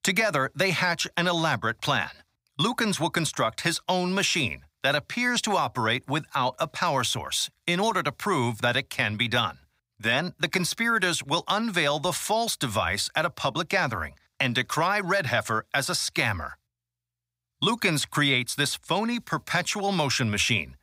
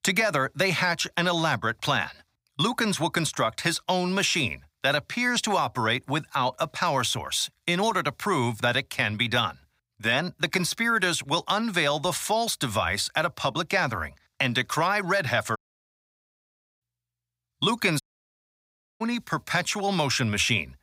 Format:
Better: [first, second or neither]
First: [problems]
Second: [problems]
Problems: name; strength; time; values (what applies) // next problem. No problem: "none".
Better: first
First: none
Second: audio cutting out; at 16 s for 1 s and at 18 s for 1 s